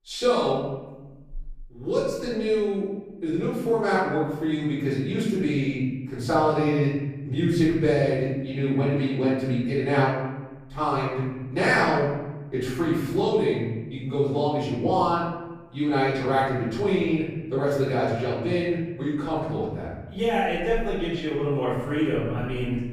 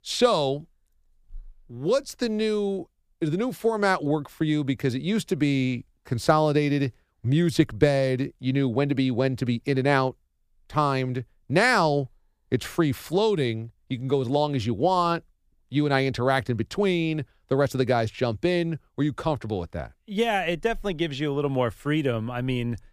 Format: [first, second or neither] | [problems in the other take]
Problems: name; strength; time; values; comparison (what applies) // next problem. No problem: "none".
second | off-mic speech; far // room echo; strong; dies away in 1.1 s